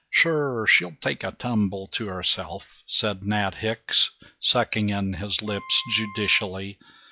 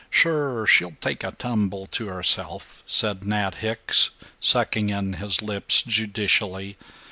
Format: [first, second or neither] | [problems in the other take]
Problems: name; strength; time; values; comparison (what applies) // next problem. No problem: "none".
second | noise reduction (classical method log-MMSE)